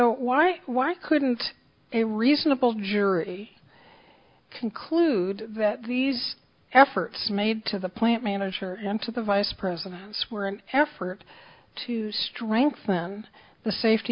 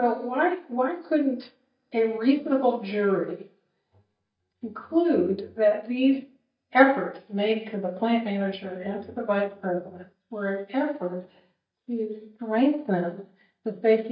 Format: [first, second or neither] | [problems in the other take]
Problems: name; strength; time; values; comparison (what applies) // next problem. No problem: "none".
first | noise reduction (neural mask model DeepFilterNet 3)